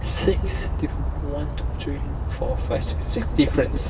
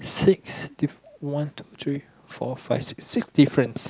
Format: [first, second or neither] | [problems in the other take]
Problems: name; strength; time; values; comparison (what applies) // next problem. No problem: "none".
second | background sound (Bird vocalization, bird call, bird song); 2 dB above the speech // room echo; dies away in 1.3 s